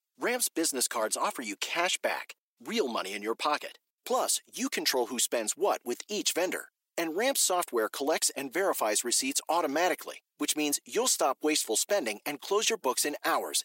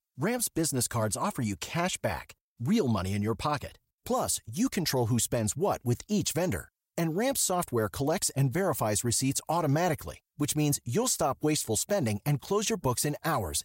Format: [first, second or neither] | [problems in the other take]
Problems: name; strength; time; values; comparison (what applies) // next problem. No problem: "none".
second | thin; somewhat; fading below 300 Hz